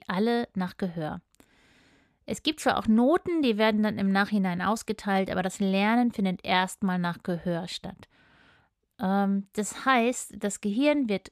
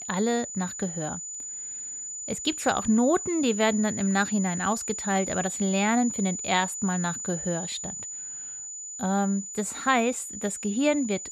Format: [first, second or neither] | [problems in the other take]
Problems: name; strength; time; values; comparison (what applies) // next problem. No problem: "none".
first | high-pitched whine; loud; throughout; 7 kHz, 6 dB below the speech